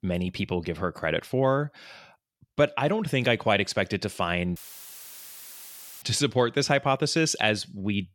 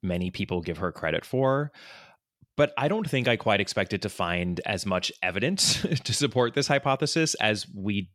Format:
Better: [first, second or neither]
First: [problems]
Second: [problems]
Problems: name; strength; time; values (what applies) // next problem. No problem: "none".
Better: second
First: audio cutting out; filled with static; at 4.5 s for 1.5 s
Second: none